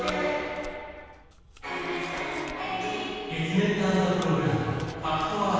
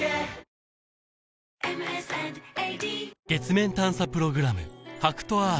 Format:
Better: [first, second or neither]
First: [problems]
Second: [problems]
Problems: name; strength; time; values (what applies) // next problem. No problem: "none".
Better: second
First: background sound (Chewing, mastication); 18 dB below the speech // room echo; dies away in 2.2 s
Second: none